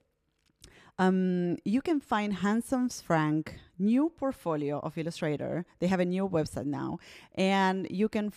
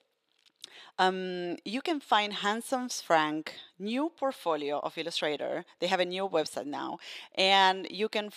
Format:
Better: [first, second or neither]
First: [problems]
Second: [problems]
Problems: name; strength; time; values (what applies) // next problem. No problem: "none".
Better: first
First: none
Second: thin; somewhat; fading below 450 Hz